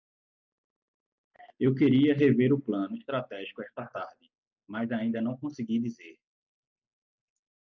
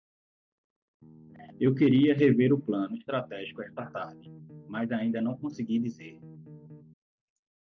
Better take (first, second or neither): first